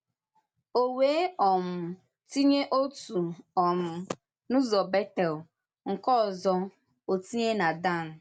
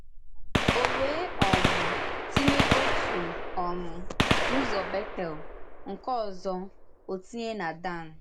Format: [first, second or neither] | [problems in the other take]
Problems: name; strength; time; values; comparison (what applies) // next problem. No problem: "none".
first | background sound (Gunshot, gunfire); 5 dB above the speech